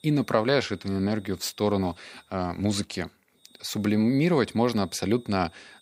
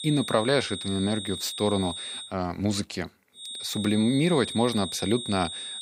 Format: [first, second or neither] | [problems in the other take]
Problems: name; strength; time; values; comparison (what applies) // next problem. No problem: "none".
first | high-pitched whine; loud; until 2.5 s and from 3.5 s on; 3.5 kHz, 7 dB below the speech; faint in the first